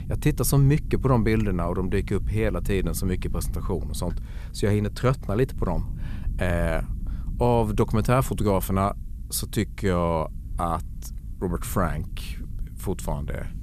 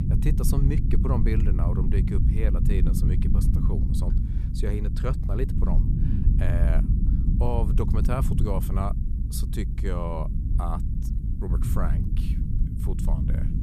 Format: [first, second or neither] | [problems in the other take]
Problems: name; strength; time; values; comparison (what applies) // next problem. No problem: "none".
first | low rumble; loud; throughout; 3 dB below the speech; faint in the first